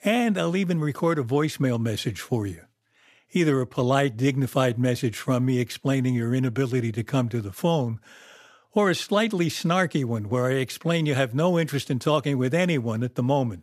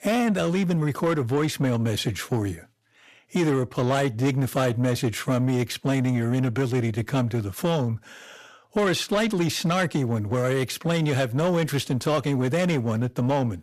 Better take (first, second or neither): first